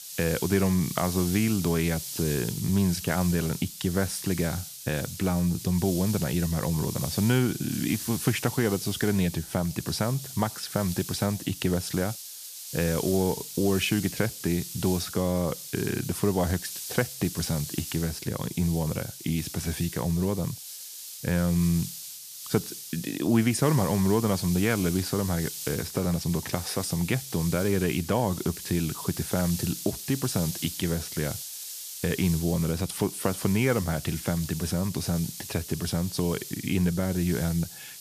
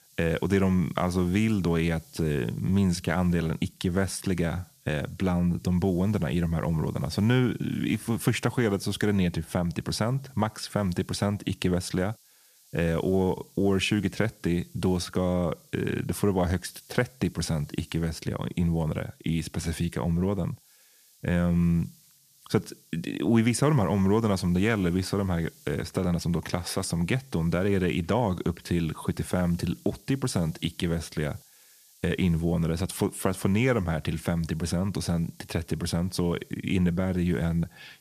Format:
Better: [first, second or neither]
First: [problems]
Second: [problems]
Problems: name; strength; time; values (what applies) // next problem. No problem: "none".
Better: second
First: hiss; loud; throughout; 8 dB below the speech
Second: hiss; faint; throughout; 25 dB below the speech